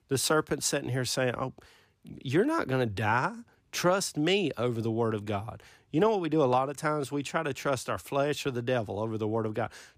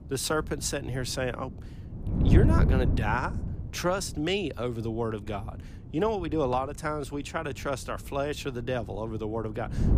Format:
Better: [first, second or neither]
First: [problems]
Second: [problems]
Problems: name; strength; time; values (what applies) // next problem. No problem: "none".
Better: first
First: none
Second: wind noise on the microphone; heavy; 9 dB below the speech